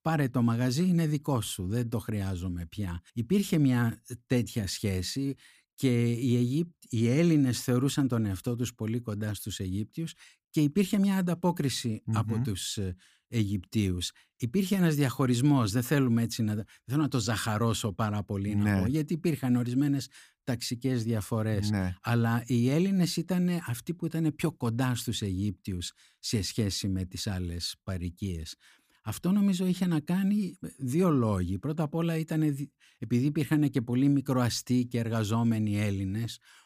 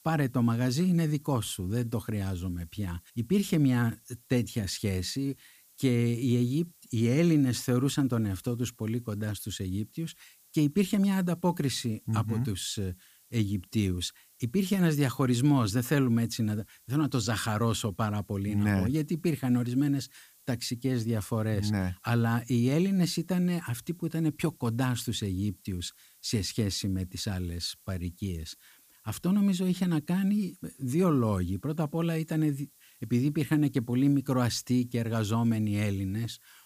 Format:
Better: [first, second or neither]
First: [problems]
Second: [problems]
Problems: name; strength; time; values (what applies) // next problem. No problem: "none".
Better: first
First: none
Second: hiss; faint; throughout; 30 dB below the speech